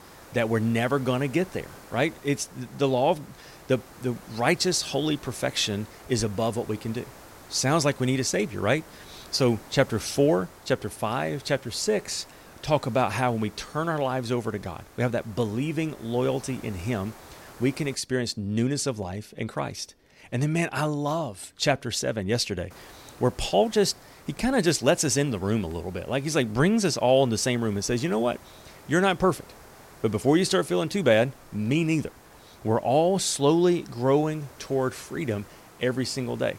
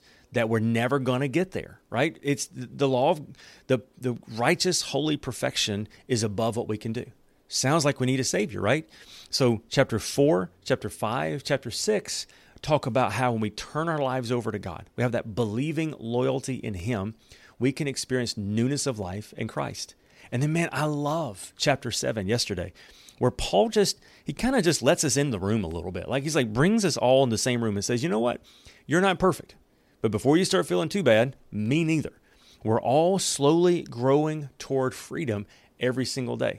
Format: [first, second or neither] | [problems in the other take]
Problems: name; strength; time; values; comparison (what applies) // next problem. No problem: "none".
second | hiss; faint; until 18 s and from 23 s on; 20 dB below the speech